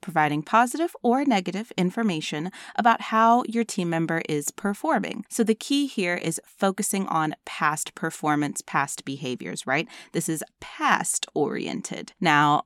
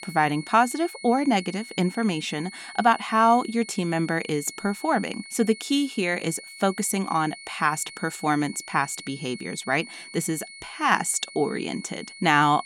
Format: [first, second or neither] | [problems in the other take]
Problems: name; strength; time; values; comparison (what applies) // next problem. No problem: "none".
first | high-pitched whine; noticeable; throughout; 2 kHz, 15 dB below the speech